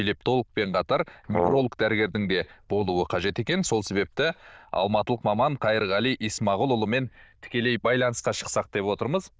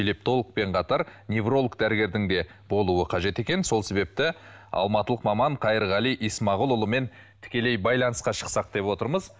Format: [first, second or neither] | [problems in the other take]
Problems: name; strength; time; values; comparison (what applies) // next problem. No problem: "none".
second | noise reduction (neural diffusion model UNIVERSE++)